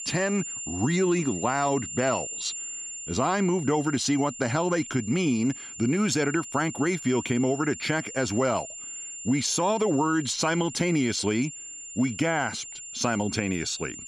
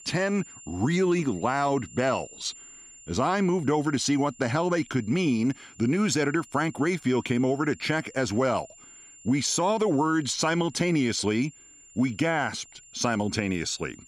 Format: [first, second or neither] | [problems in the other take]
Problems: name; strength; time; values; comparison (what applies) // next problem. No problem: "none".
second | high-pitched whine; loud; throughout; 7 kHz, 10 dB below the speech; faint in the second